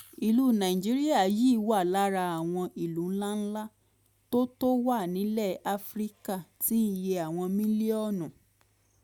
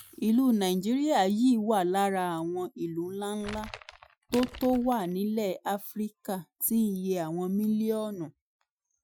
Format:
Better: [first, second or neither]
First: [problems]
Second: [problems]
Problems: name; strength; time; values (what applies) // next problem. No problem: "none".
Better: first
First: none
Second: noise reduction (classical method Wiener filter)